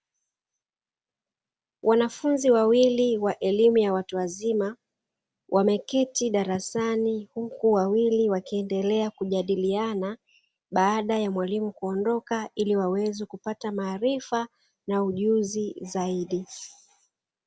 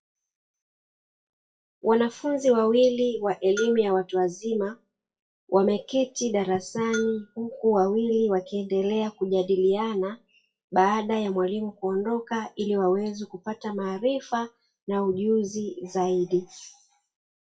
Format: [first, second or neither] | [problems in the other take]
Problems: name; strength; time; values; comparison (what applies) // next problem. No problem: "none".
first | noise reduction (classical method WPE with log-MMSE)